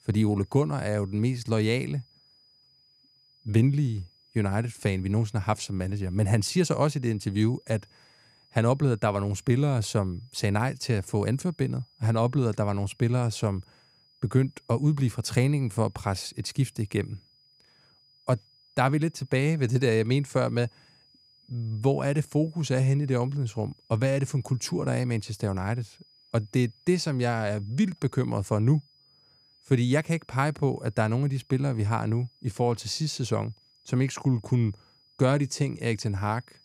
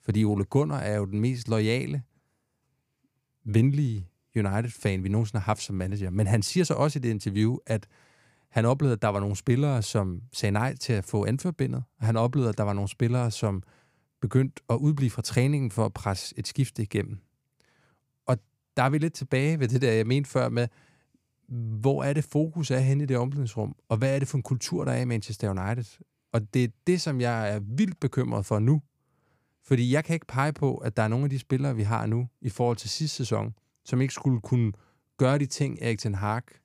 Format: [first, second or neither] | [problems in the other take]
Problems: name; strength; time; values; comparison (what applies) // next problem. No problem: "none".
second | high-pitched whine; faint; throughout; 5 kHz, 30 dB below the speech